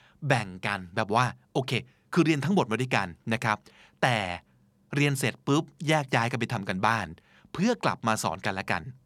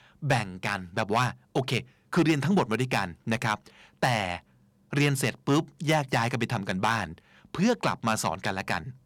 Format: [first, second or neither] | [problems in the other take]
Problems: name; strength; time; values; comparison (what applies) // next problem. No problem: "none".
first | distortion; slight; 1.8% of the sound clipped